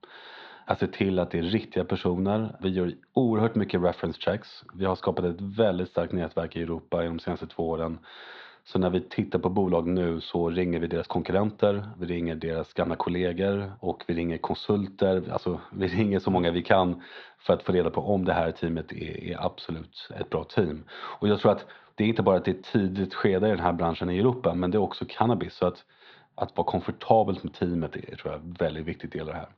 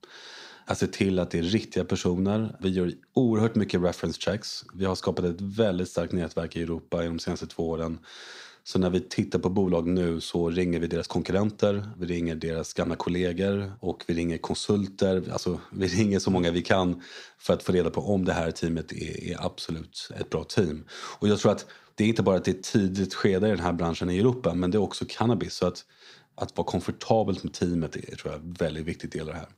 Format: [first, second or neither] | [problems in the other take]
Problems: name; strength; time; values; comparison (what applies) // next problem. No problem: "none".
second | muffled; slightly; fading above 3.5 kHz